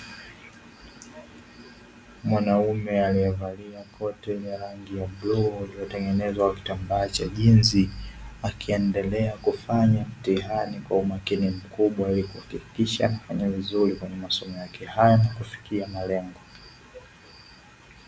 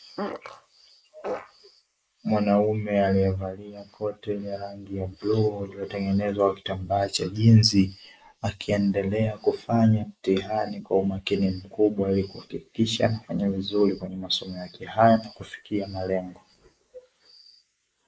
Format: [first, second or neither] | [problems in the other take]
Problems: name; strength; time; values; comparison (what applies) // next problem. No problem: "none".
first | noise reduction (neural mask model Resemble Enhance denoiser)